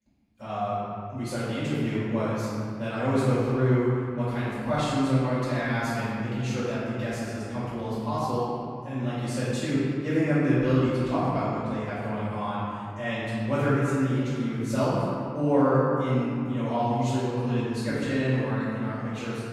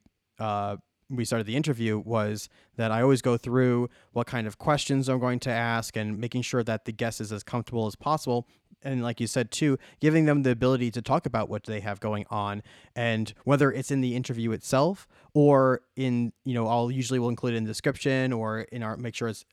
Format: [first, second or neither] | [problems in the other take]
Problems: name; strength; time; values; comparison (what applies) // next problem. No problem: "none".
second | off-mic speech; far // room echo; strong; dies away in 2.5 s